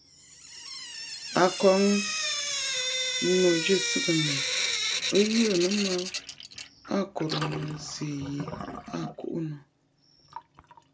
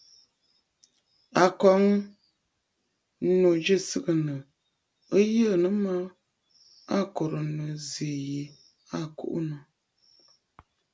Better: second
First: background sound (Drip / Sink (filling or washing)); 4 dB below the speech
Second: none

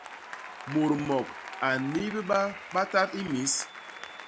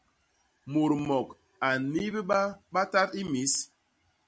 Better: second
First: background sound (Applause); 12 dB below the speech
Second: none

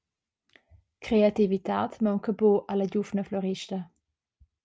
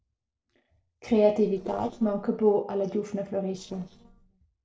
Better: first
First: none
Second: noise reduction (neural separator model SepFormer DNS4)

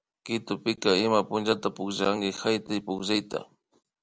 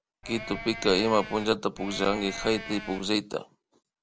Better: first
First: none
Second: background sound (Livestock, farm animals, working animals); 11 dB below the speech

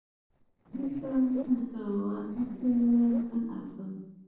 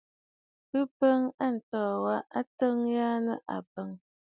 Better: second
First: noise reduction (neural separator model SepFormer DNS4)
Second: none

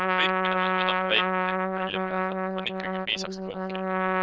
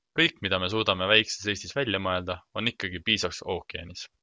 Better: second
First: noise reduction (neural diffusion model UNIVERSE++)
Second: none

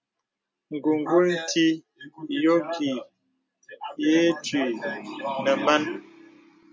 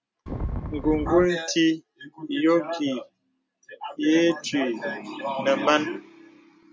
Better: first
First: none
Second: background sound (Wind); 5 dB below the speech

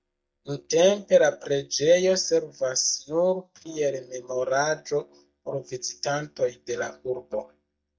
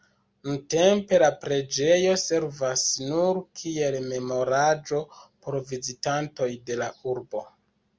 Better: second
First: noise reduction (neural mask model DeepFilterNet 3)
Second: none

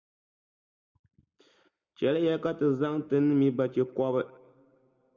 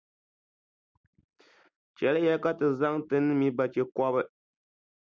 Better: second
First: room echo; dies away in 0.8 s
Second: none

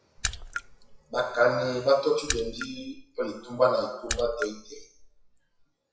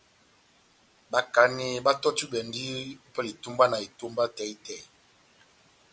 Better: second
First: noise reduction (classical method WPE with log-MMSE)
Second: none

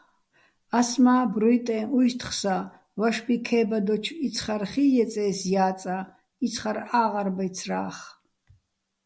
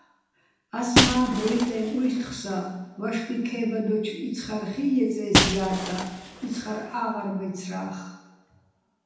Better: first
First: none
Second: background sound (Shatter); 2 dB below the speech // room echo; dies away in 0.9 s

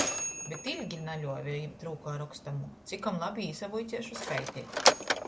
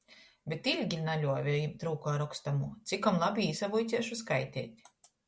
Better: second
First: background sound (Mechanisms); 3 dB above the speech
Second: none

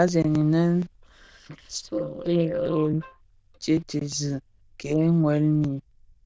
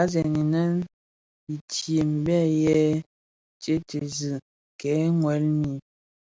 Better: second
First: noise reduction (neural diffusion model UNIVERSE++)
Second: none

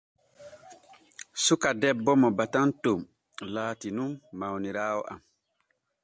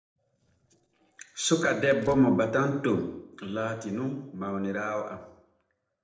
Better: first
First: none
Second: noise reduction (neural separator model SepFormer DNS4)

